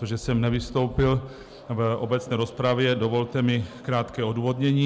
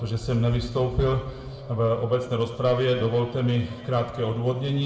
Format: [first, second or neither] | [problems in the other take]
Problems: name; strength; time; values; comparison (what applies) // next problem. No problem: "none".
first | room echo; dies away in 1.9 s